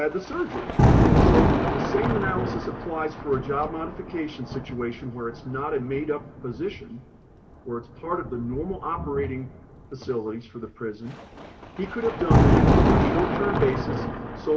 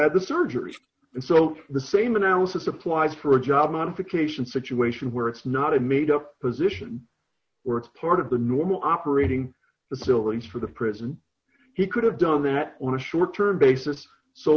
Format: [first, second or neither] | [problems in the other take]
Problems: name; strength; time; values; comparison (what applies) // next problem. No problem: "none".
second | background sound (Thunder); 5 dB above the speech // room echo; dies away in 2.7 s